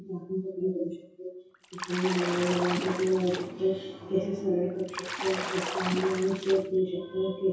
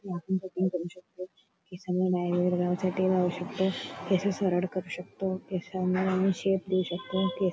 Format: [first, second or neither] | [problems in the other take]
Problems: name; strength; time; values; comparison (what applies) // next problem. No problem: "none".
second | background sound (Bathtub (filling or washing) / Splash, splatter); 6 dB below the speech // room echo; dies away in 0.6 s